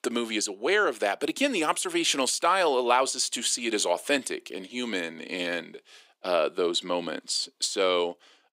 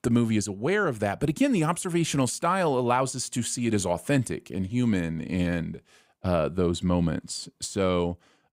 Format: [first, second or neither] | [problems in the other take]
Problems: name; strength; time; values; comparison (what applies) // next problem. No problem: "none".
second | thin; somewhat; fading below 350 Hz